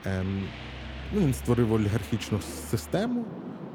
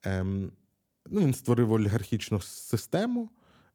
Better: second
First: rain or running water; noticeable; throughout; 10 dB below the speech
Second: none

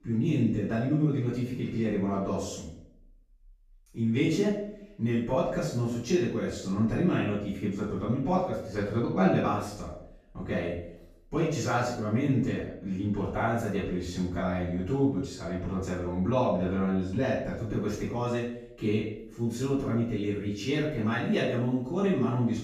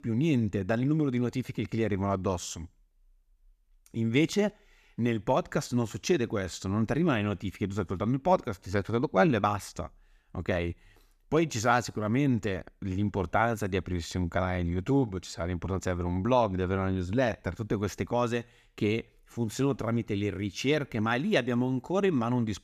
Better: second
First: off-mic speech; far // room echo; noticeable; dies away in 0.6 s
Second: none

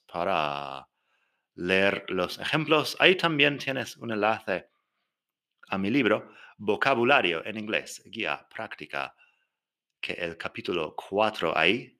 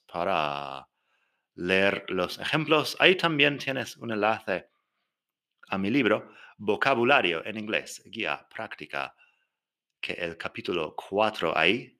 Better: neither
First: thin; very slightly; fading below 350 Hz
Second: thin; very slightly; fading below 350 Hz

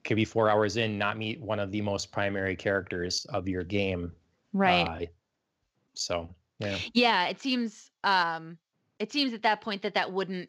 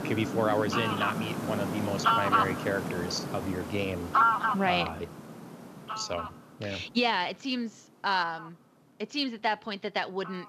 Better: first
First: none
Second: animal sounds; very loud; throughout; 1 dB above the speech

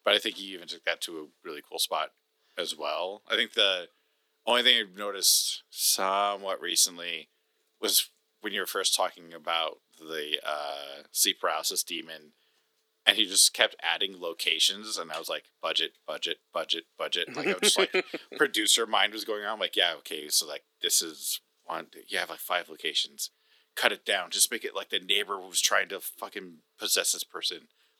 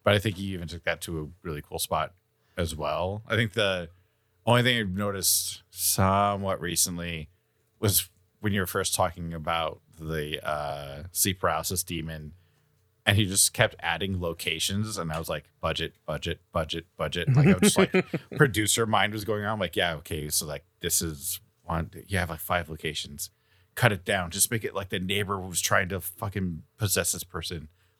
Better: second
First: thin; very; fading below 300 Hz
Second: none

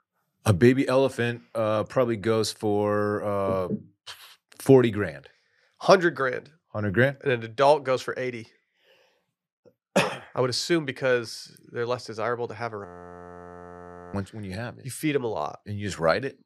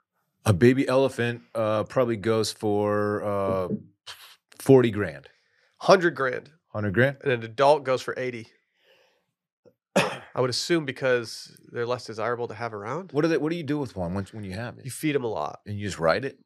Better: second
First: audio freezing; at 13 s for 1.5 s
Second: none

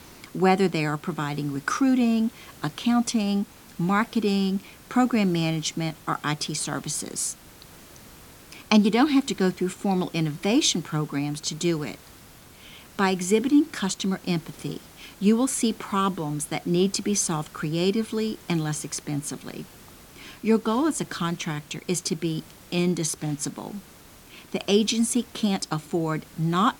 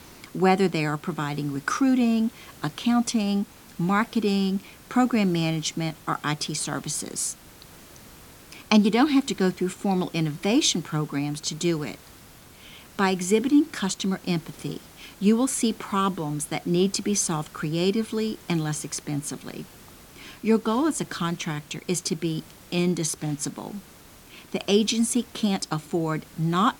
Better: neither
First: hiss; faint; throughout; 20 dB below the speech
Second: hiss; faint; throughout; 20 dB below the speech

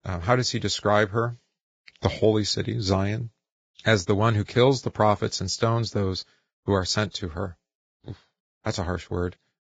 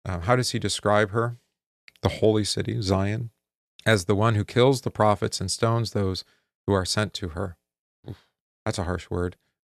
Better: second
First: garbled, watery; badly; nothing above 7.5 kHz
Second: none

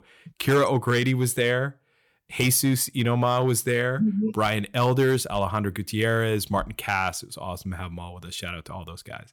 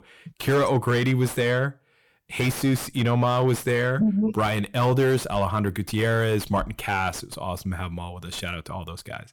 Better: first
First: none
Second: distortion; slight; 10 dB below the speech

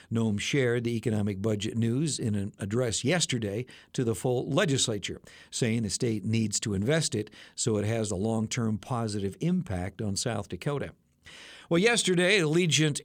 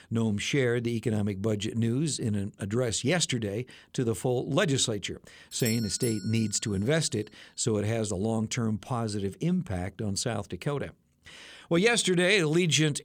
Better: first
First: none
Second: doorbell; noticeable; at 5.5 s; peak 7 dB below the speech

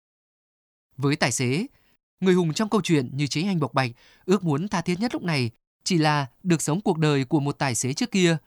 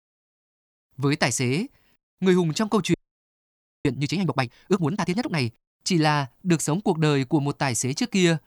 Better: first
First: none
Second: audio freezing; at 3 s for 1 s

